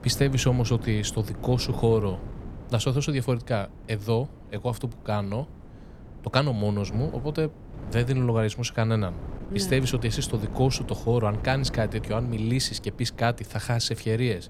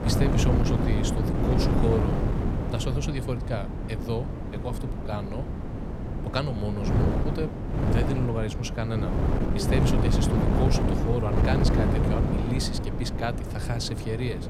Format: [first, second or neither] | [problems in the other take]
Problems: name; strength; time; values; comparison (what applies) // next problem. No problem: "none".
first | wind noise on the microphone; heavy; 1 dB above the speech; occasional gusts in the first